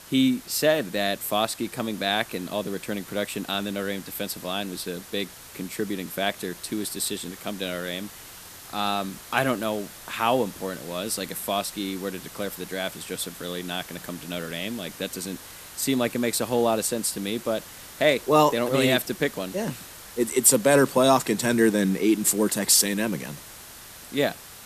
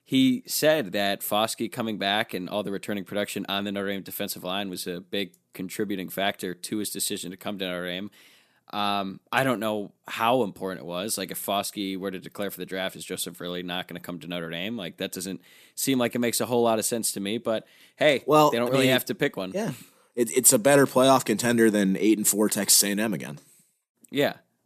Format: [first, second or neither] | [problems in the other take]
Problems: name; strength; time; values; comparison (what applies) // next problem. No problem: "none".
second | hiss; noticeable; throughout; 15 dB below the speech